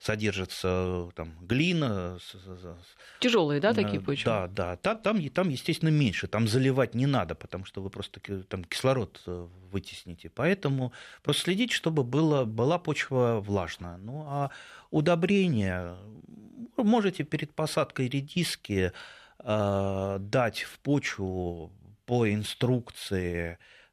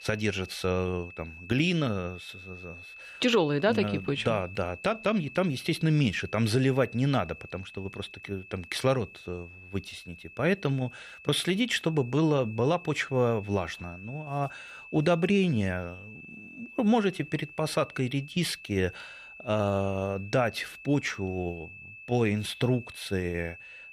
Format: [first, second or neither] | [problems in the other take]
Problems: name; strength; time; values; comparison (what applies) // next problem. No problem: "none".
first | high-pitched whine; noticeable; throughout; 2.5 kHz, 15 dB below the speech